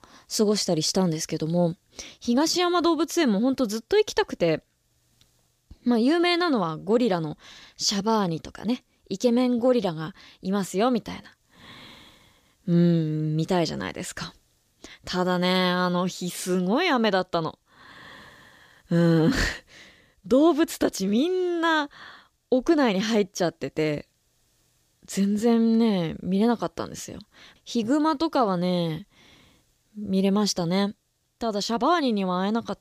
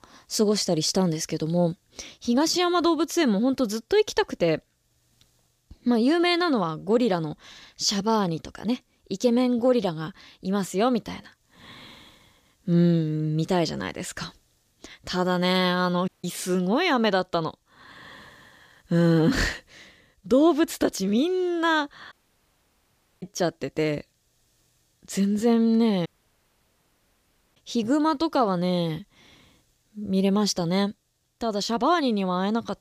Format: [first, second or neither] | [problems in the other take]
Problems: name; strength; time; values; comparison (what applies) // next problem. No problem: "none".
first | audio cutting out; at 16 s, at 22 s for 1 s and at 26 s for 1.5 s